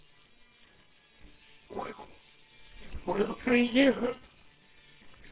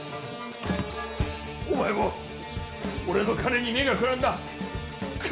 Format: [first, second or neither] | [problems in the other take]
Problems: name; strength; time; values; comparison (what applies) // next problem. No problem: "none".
second | noise reduction (neural separator model SepFormer WHAMR!)